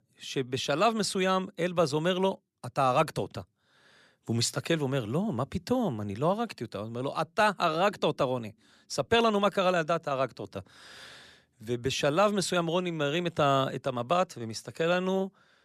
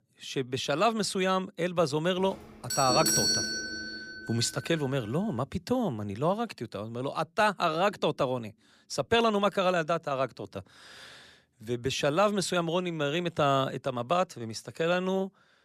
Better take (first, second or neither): first